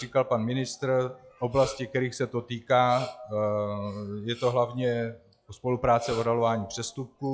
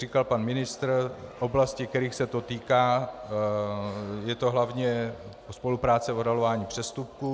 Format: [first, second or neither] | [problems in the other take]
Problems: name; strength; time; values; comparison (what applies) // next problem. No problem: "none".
second | noise reduction (classical method log-MMSE)